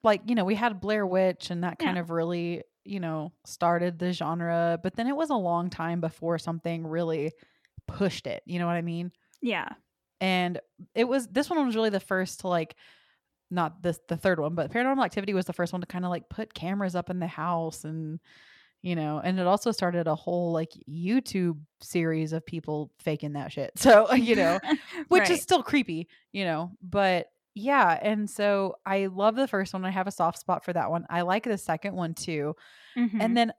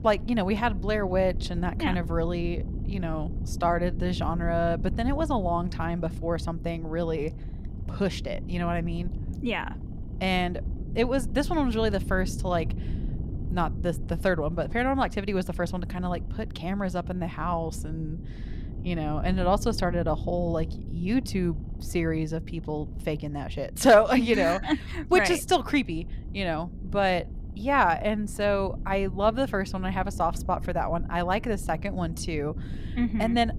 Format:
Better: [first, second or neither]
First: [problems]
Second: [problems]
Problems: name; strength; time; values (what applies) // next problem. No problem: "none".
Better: first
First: none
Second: low rumble; noticeable; throughout; 20 dB below the speech